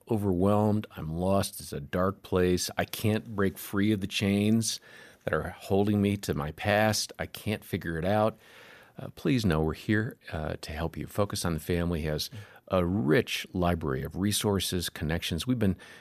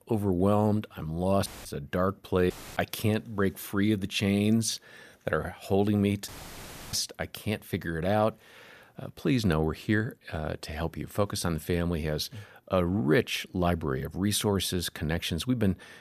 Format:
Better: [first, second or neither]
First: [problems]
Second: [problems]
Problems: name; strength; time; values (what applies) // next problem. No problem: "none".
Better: first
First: none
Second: audio cutting out; filled with static; at 1.5 s, at 2.5 s and at 6.5 s for 0.5 s